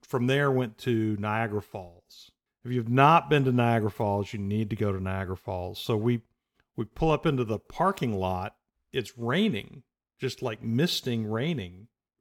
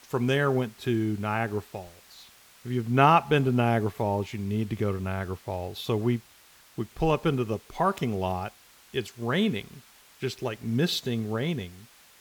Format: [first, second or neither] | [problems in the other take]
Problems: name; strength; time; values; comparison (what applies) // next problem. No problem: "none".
first | hiss; faint; throughout; 25 dB below the speech